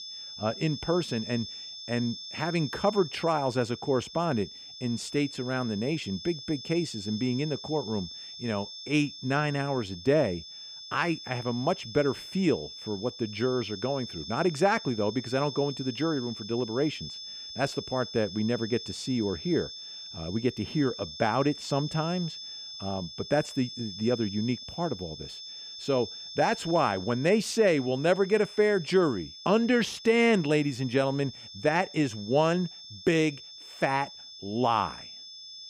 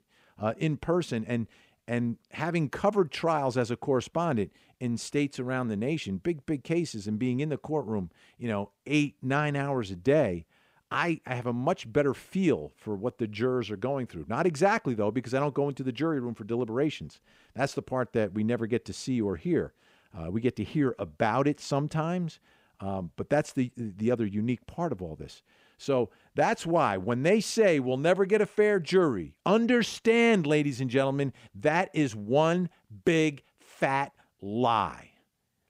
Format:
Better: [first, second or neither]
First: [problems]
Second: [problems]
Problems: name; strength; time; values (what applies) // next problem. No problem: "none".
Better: second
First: high-pitched whine; noticeable; throughout; 5.5 kHz, 10 dB below the speech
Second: none